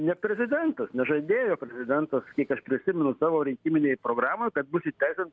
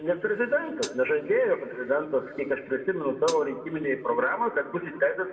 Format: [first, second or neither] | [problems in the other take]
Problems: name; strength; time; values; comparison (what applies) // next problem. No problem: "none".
first | background sound (Hi-hat); 17 dB below the speech // room echo; dies away in 2 s